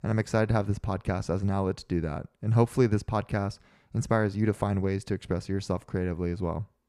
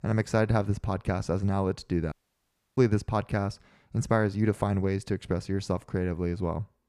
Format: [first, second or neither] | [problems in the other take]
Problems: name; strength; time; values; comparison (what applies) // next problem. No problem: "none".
first | audio cutting out; at 2 s for 0.5 s